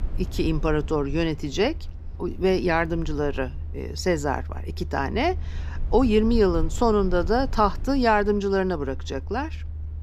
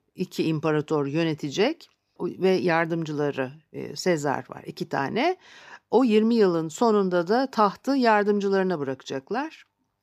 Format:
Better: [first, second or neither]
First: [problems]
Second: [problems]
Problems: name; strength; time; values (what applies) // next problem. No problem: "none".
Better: second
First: low rumble; faint; throughout; 25 dB below the speech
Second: none